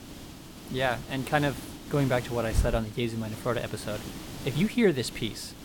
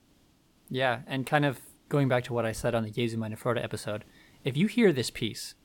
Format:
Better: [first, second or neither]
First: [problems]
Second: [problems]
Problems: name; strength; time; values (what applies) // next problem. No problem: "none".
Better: second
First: hiss; loud; throughout; 9 dB below the speech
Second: hiss; faint; throughout; 30 dB below the speech